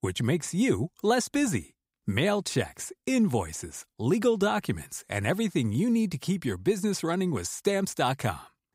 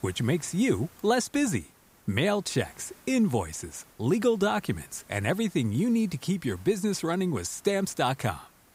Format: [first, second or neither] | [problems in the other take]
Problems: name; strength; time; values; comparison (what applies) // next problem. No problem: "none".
first | hiss; faint; throughout; 25 dB below the speech